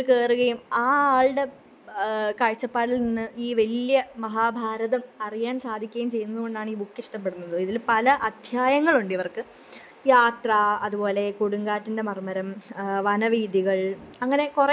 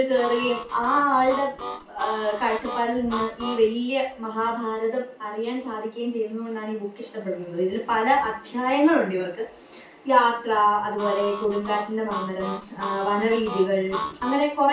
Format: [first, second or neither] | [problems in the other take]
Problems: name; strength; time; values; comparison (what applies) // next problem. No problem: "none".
first | background sound (Harmonica); 9 dB below the speech // room echo; dies away in 0.3 s